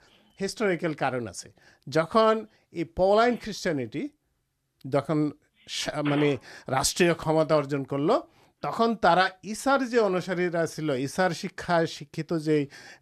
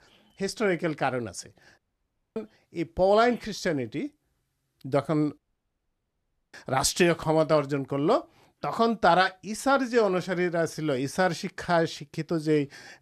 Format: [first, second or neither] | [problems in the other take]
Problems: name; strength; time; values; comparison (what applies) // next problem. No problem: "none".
first | audio cutting out; at 2 s for 0.5 s and at 5.5 s for 1 s